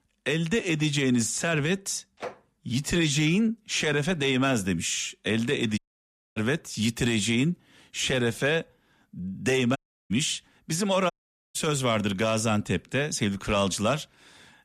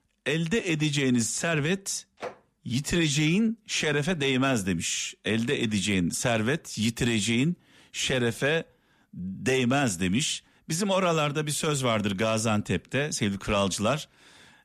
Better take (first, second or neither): second